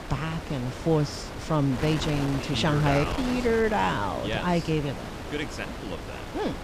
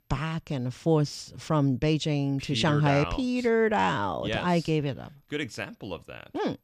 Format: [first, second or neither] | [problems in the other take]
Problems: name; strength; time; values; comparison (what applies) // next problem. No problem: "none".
second | wind noise on the microphone; heavy; 8 dB below the speech